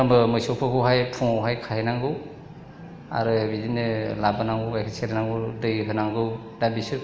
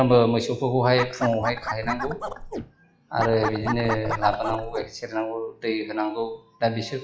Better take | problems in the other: first | noise reduction (classical method log-MMSE)

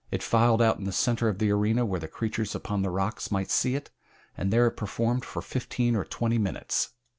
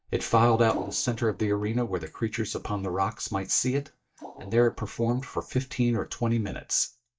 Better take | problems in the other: first | noise reduction (neural mask model DeepFilterNet 3)

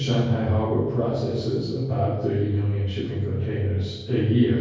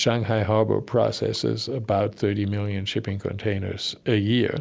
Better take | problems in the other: second | room echo; dies away in 1.3 s

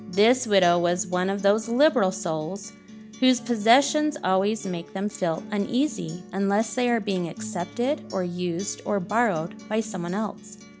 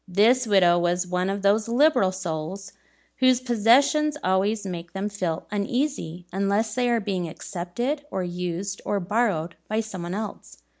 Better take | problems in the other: second | background sound (Acoustic guitar); 17 dB below the speech

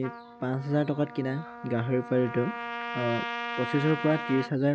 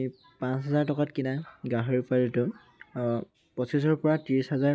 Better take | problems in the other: second | background sound (Trumpet); 8 dB below the speech

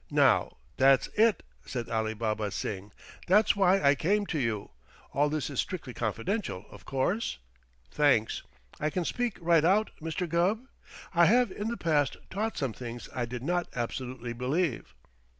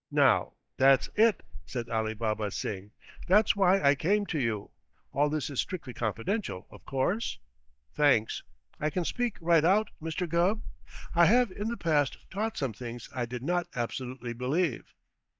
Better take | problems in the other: first | noise reduction (neural mask model DeepFilterNet 3)

